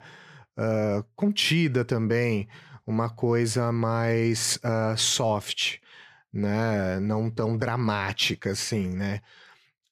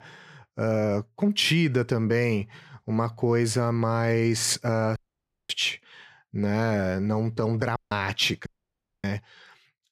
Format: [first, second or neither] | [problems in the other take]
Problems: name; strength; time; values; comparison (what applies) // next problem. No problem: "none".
first | audio cutting out; at 5 s for 0.5 s, at 8 s and at 8.5 s for 0.5 s